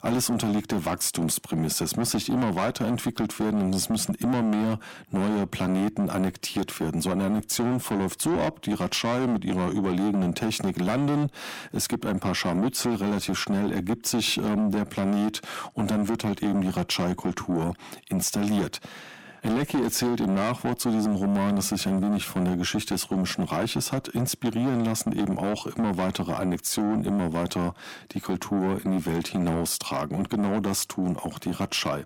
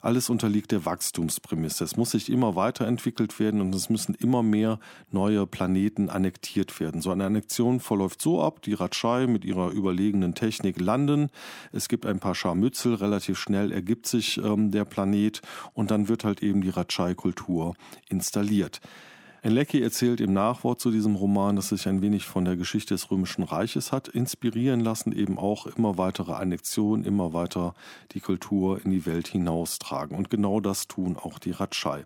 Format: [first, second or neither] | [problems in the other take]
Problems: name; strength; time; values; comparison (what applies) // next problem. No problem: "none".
second | distortion; heavy; 7 dB below the speech